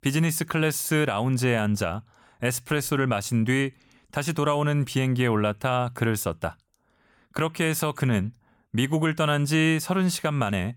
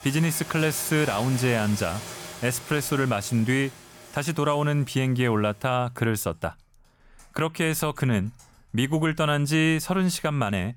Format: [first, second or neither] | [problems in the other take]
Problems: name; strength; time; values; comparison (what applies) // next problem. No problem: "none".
first | household noises; noticeable; throughout; 15 dB below the speech